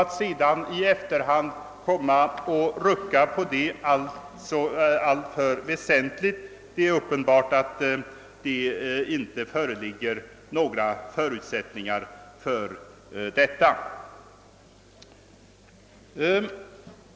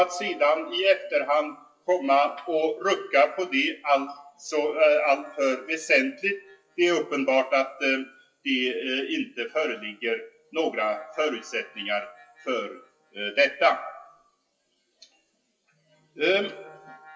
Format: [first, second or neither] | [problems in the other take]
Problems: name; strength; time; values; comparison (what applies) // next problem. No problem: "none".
first | noise reduction (classical method WPE with log-MMSE)